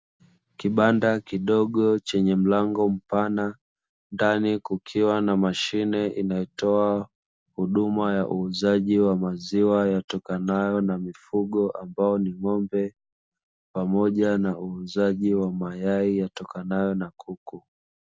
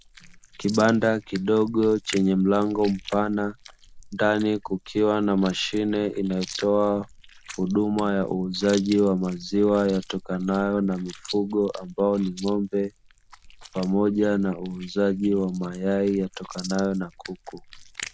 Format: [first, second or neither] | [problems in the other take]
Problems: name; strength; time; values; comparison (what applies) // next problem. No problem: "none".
first | background sound (Chewing, mastication); 19 dB below the speech